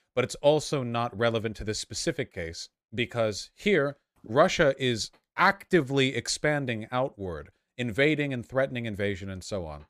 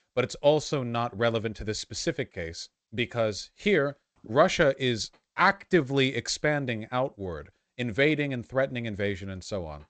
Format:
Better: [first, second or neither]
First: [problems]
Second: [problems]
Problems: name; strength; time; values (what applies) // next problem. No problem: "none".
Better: first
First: none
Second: garbled, watery; slightly; nothing above 8 kHz